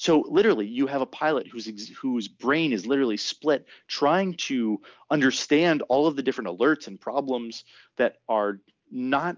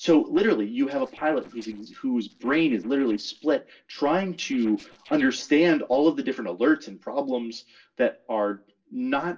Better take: first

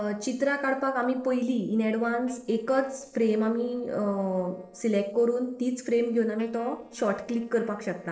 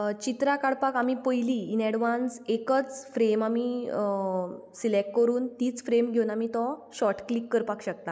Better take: second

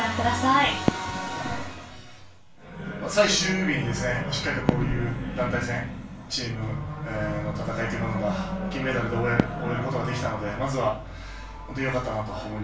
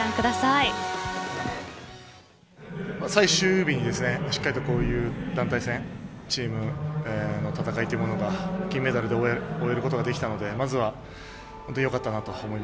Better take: second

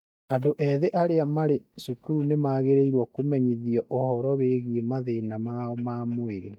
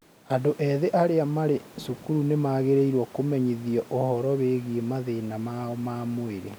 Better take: second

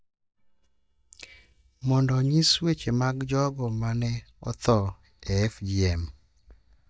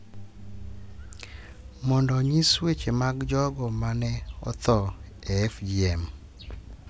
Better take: second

